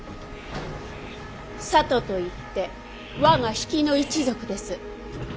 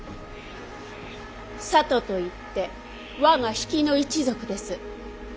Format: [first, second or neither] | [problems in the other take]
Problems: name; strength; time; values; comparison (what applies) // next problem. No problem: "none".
second | background sound (Squeak / Sliding door); 12 dB below the speech